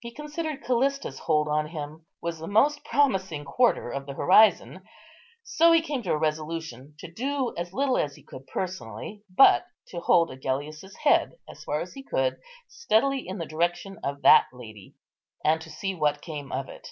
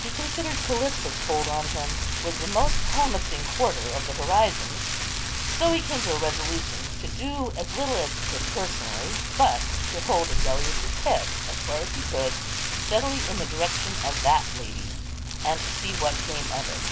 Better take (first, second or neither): first